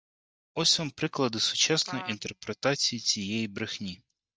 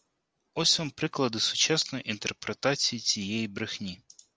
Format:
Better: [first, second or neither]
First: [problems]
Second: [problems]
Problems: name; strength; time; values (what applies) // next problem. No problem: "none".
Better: second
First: noise reduction (neural mask model DeepFilterNet 3)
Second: none